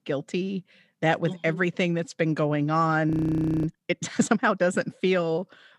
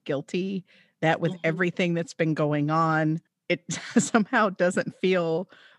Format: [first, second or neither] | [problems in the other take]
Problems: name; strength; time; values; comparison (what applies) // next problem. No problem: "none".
second | audio freezing; at 3 s for 0.5 s